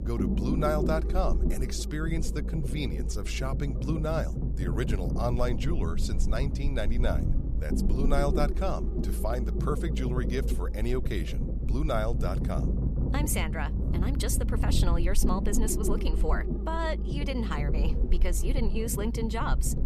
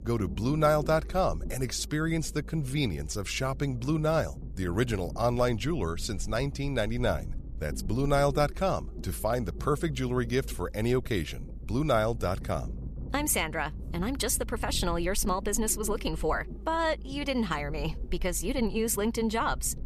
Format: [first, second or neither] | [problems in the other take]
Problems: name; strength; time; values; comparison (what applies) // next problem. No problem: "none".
second | low rumble; loud; throughout; 6 dB below the speech; faint in the second